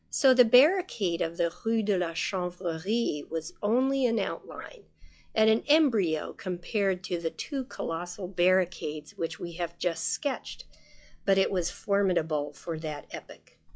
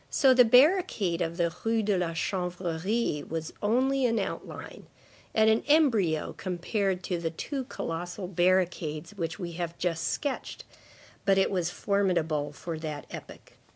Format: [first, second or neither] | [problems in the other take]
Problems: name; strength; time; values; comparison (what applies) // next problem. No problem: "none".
second | noise reduction (classical method log-MMSE)